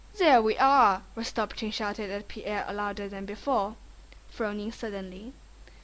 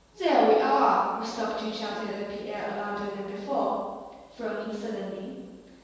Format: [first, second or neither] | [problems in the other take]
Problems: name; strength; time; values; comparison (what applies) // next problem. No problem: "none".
first | room echo; dies away in 1.2 s